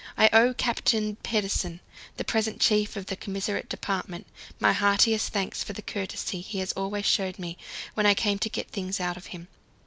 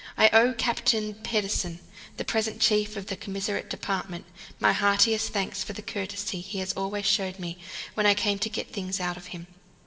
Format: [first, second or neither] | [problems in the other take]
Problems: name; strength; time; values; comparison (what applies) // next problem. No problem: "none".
first | room echo; dies away in 2 s